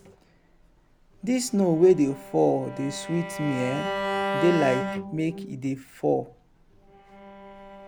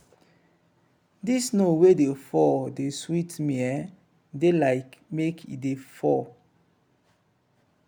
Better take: second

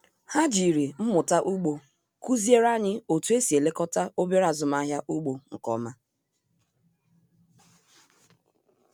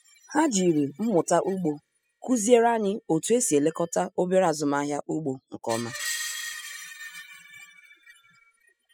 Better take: first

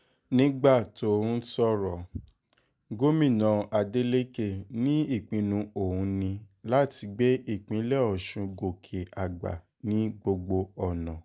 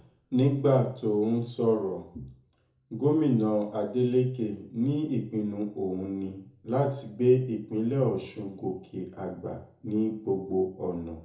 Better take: first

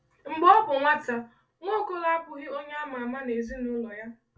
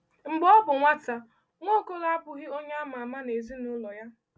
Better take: second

